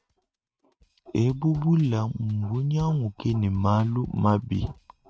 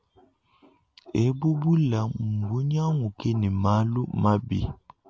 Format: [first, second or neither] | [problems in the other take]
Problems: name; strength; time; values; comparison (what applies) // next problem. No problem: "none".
second | noise reduction (neural mask model RNNoise)